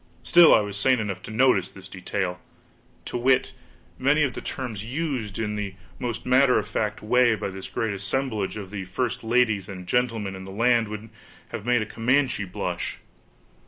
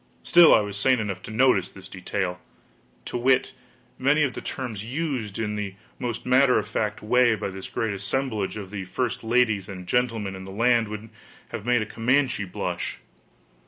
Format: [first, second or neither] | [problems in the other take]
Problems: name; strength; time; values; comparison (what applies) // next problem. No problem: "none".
second | background sound (Wind); 20 dB below the speech